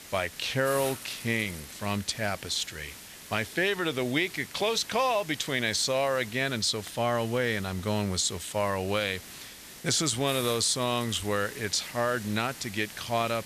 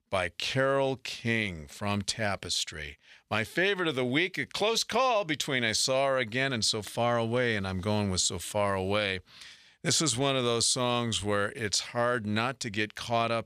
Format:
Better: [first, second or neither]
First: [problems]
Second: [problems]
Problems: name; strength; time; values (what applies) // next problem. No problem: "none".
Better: second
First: hiss; noticeable; throughout; 15 dB below the speech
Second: none